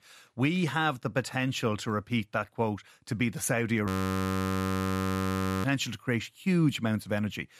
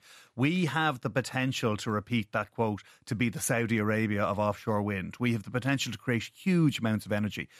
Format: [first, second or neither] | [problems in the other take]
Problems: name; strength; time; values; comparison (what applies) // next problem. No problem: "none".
second | audio freezing; at 4 s for 2 s